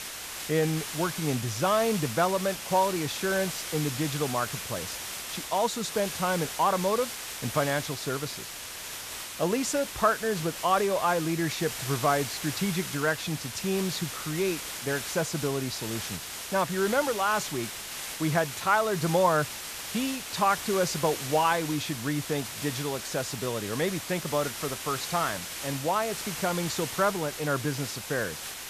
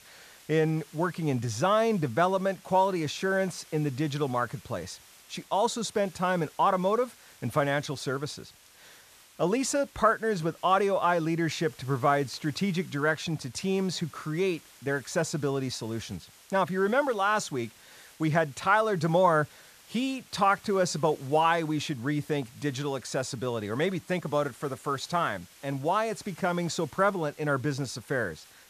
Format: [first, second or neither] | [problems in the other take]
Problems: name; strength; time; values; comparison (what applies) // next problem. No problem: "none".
second | hiss; loud; throughout; 6 dB below the speech; faint in the second